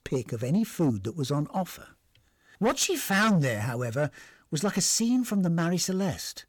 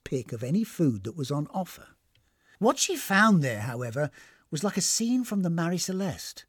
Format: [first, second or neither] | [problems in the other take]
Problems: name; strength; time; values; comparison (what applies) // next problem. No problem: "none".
second | distortion; slight; 10 dB below the speech